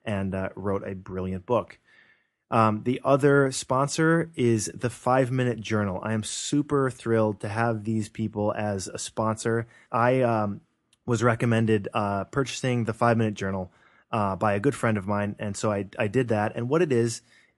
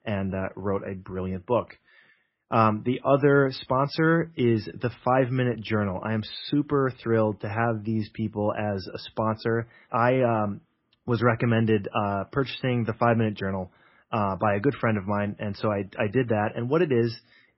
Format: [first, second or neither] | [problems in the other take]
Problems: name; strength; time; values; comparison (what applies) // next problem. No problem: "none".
first | garbled, watery; badly; nothing above 5.5 kHz; slightly in the first